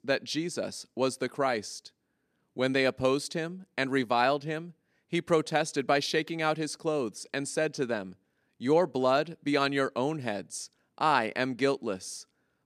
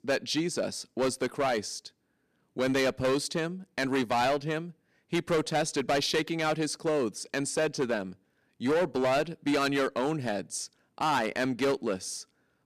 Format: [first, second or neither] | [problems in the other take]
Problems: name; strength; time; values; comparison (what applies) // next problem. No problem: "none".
first | distortion; heavy; 9% of the sound clipped